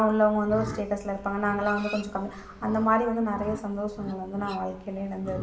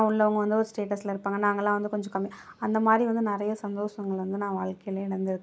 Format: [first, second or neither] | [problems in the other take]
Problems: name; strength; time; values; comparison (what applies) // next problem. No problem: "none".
second | background sound (Livestock, farm animals, working animals); 14 dB below the speech // room echo; dies away in 0.8 s